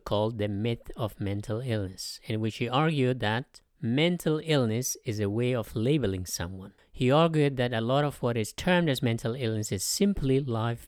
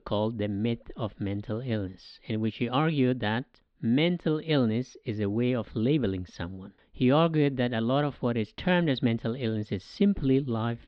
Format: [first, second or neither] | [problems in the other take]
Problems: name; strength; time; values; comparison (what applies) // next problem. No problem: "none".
first | muffled; slightly; fading above 4 kHz